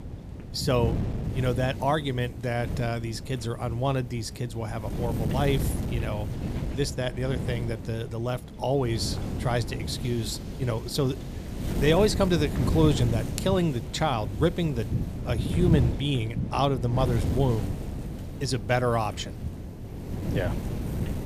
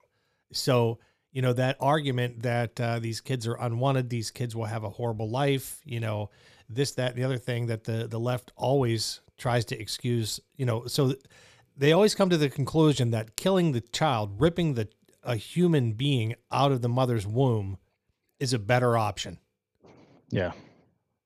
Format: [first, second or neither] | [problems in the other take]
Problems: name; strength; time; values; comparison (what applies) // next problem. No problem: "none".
second | wind noise on the microphone; occasional gusts; 10 dB below the speech